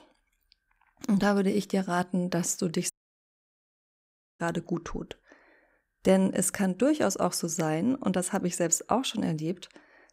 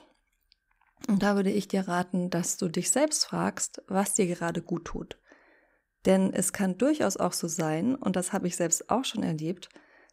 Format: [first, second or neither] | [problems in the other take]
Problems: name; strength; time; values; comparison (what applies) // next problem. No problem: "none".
second | audio cutting out; at 3 s for 1.5 s